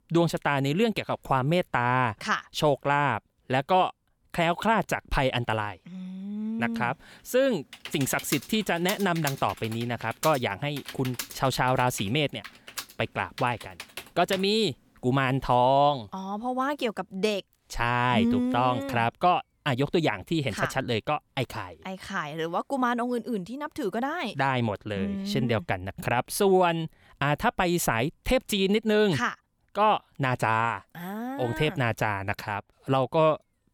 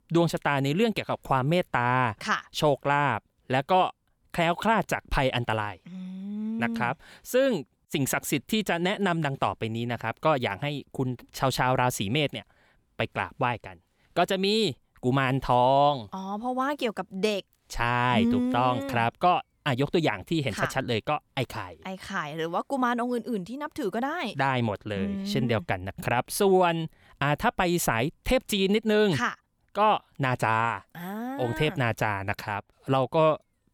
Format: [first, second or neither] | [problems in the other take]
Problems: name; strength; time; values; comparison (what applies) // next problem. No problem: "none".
second | keyboard typing; noticeable; from 7.5 to 14 s; peak 9 dB below the speech